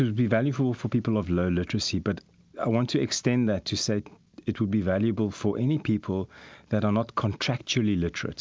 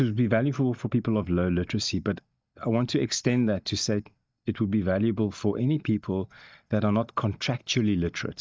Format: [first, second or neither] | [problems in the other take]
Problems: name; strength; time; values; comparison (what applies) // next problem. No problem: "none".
first | noise reduction (neural mask model DeepFilterNet 3)